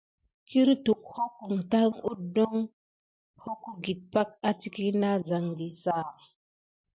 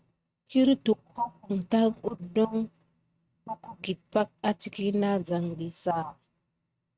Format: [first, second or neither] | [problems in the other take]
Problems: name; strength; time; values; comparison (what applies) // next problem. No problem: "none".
first | noise reduction (neural mask model RNNoise)